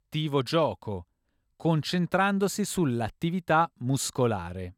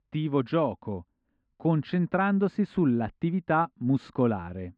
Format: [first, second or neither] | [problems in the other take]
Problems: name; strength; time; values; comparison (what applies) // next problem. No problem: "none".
first | muffled; very; fading above 2.5 kHz